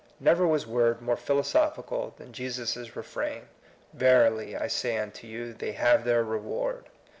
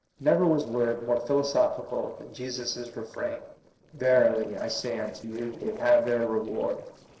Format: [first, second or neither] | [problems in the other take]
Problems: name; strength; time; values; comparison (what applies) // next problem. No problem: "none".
first | noise reduction (neural separator model SepFormer DNS4)